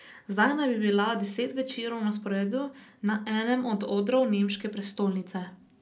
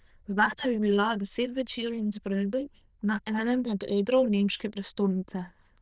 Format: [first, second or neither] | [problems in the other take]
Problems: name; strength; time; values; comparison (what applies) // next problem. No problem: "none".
first | noise reduction (neural diffusion model UNIVERSE++)